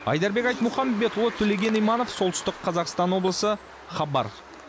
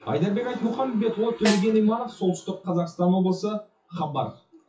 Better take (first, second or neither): first